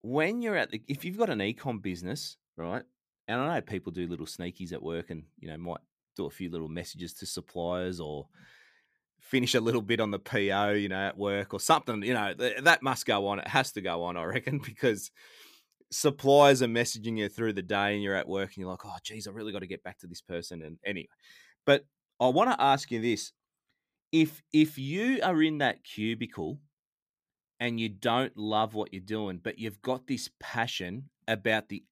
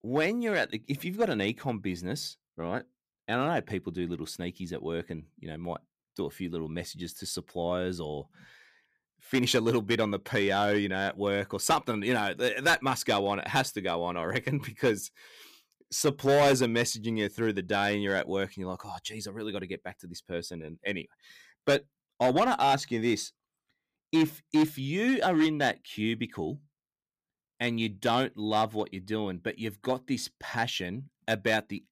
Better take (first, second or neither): first